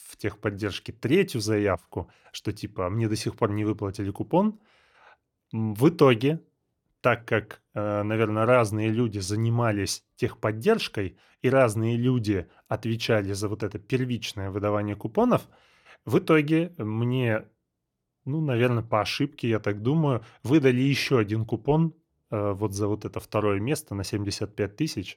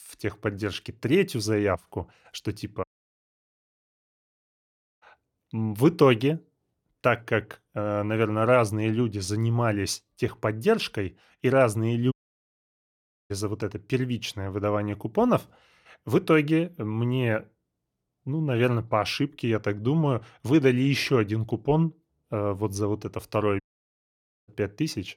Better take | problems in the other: first | audio cutting out; at 3 s for 2 s, at 12 s for 1 s and at 24 s for 1 s

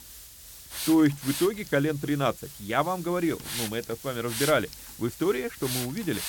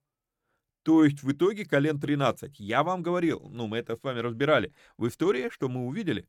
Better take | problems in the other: second | hiss; loud; throughout; 9 dB below the speech

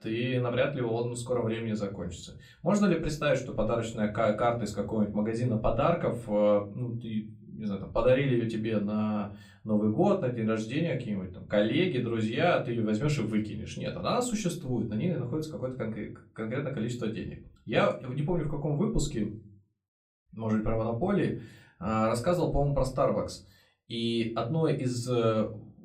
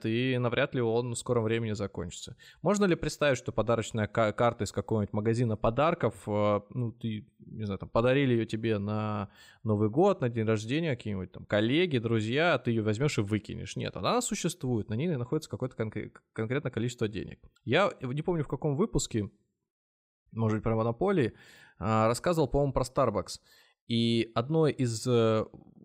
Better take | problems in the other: second | off-mic speech; far // room echo; very slight; dies away in 0.3 s

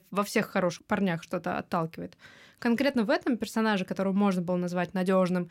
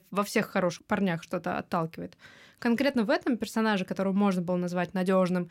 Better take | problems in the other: neither | none

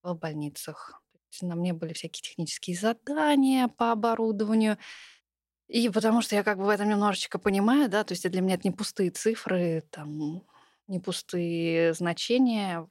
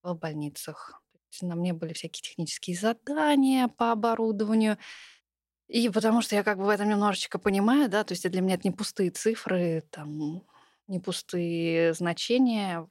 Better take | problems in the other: neither | none

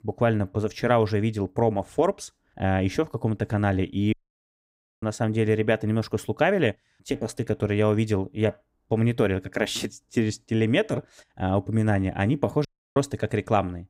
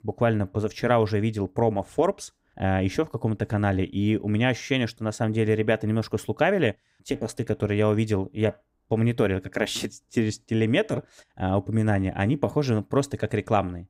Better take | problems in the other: second | audio cutting out; at 4 s for 1 s and at 13 s

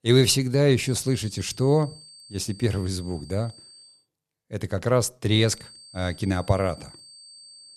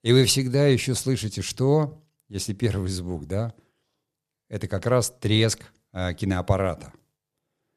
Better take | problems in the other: second | high-pitched whine; faint; from 1 to 4 s and from 5.5 s on; 4.5 kHz, 20 dB below the speech

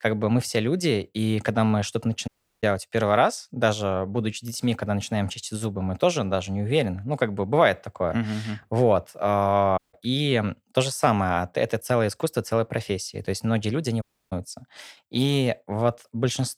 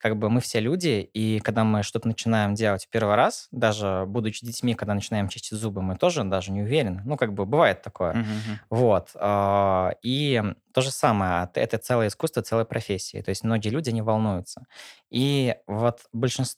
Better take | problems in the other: second | audio cutting out; at 2.5 s, at 10 s and at 14 s

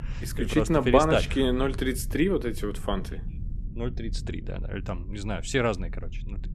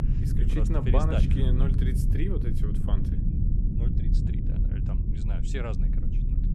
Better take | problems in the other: first | low rumble; loud; throughout; 3 dB below the speech; faint in the first

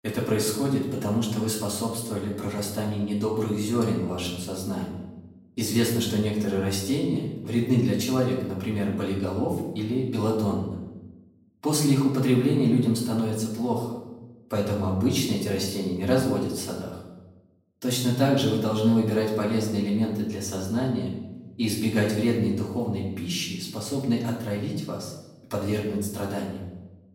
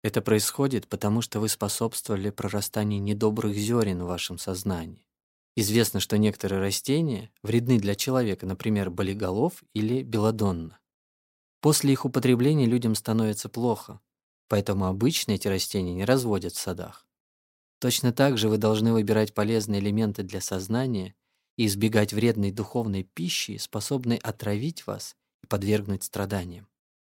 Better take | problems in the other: second | off-mic speech; far // room echo; noticeable; dies away in 0.8 s

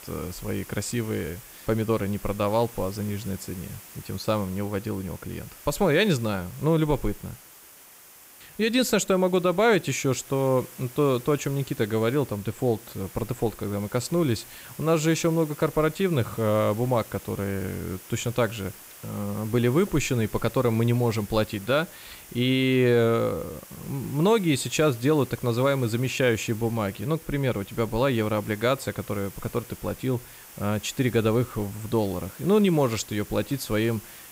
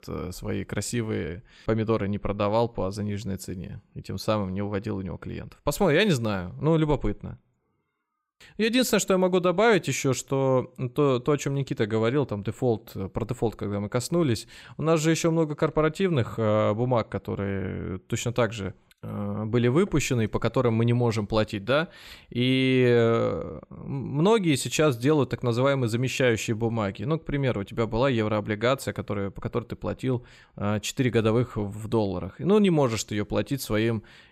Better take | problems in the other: second | hiss; noticeable; throughout; 20 dB below the speech

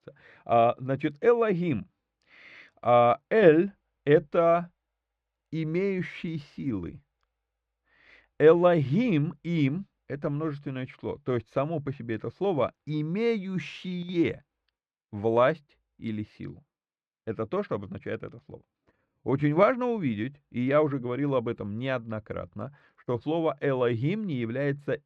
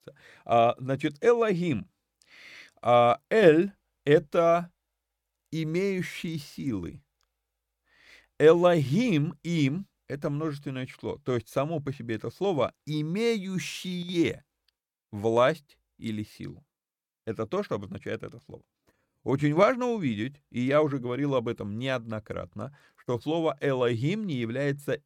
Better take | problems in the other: second | muffled; slightly; fading above 2.5 kHz

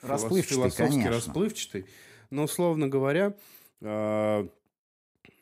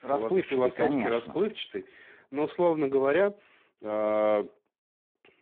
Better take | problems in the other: first | phone-call audio; poor line

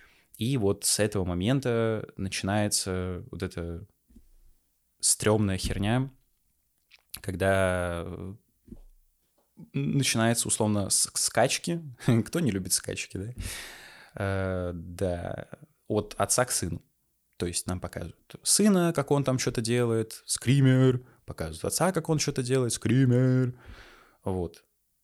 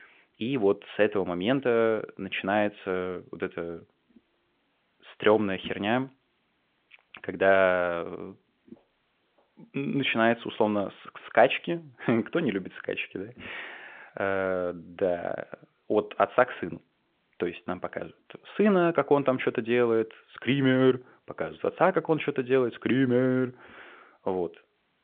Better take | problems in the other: first | phone-call audio; nothing above 3.5 kHz

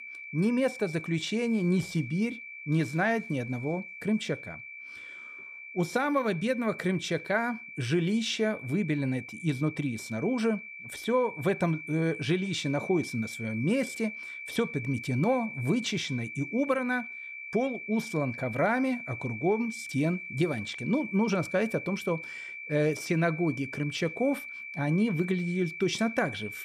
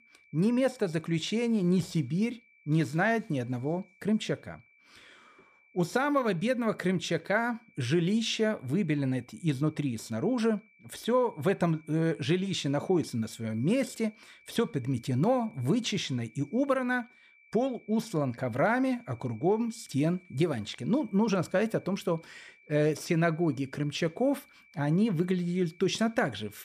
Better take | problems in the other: second | high-pitched whine; loud; throughout; 2.5 kHz, 10 dB below the speech; faint in the second

